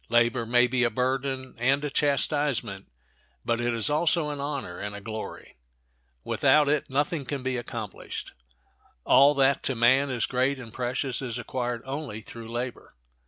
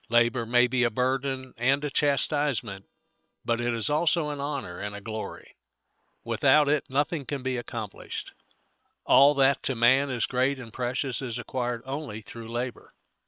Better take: first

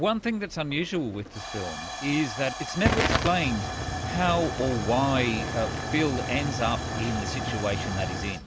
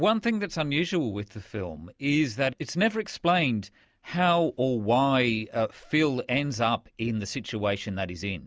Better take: second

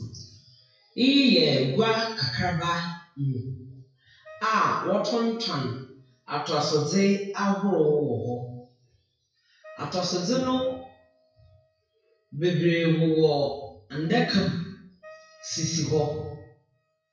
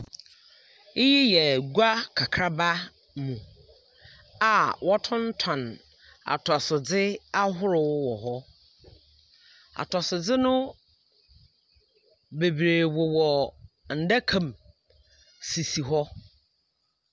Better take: second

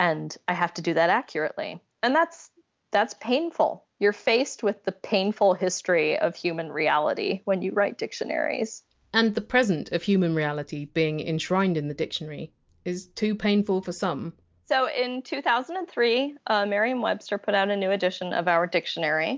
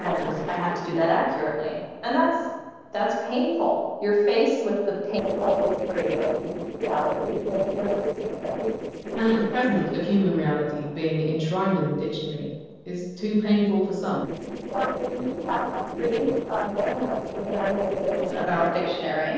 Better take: first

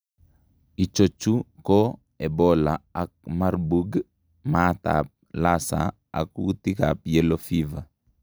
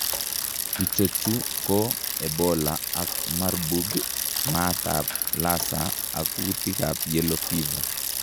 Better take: first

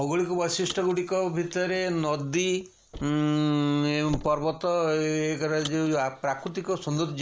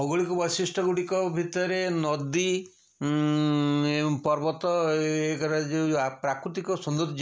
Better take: second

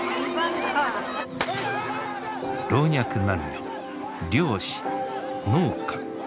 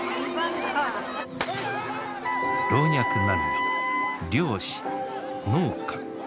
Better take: first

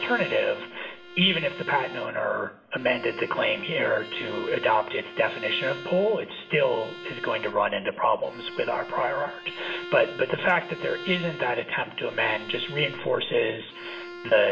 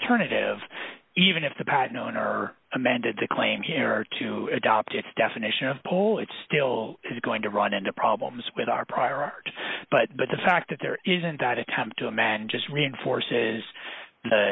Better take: second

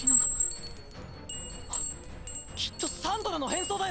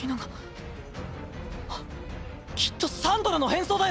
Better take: second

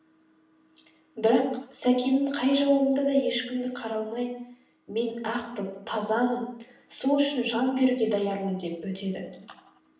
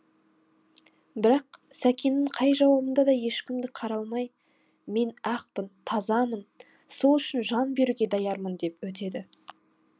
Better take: second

